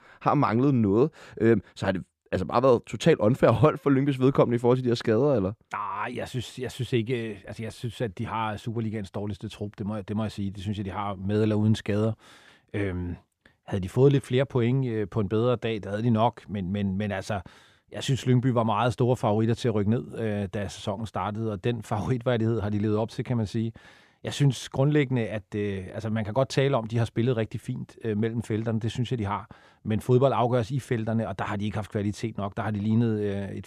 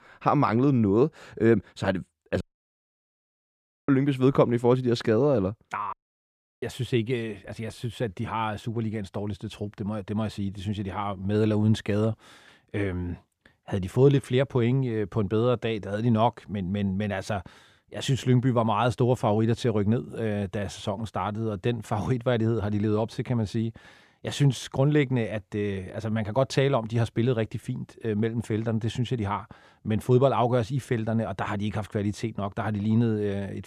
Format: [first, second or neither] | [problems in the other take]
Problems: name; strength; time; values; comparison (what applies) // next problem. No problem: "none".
first | audio cutting out; at 2.5 s for 1.5 s and at 6 s for 0.5 s